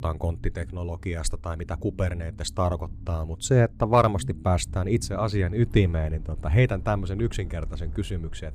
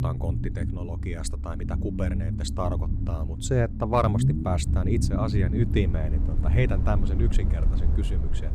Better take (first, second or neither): first